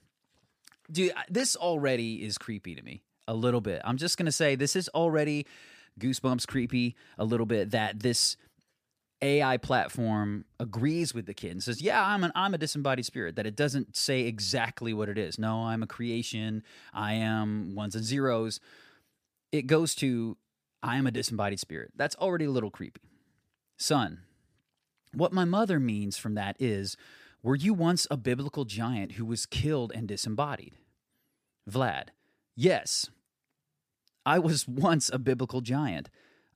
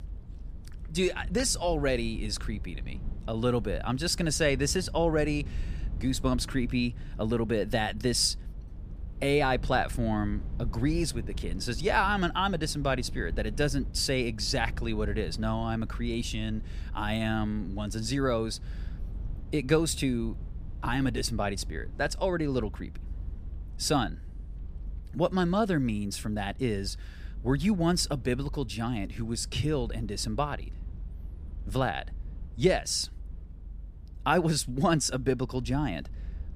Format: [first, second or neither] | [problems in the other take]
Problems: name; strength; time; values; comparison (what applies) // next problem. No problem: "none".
first | low rumble; faint; throughout; 25 dB below the speech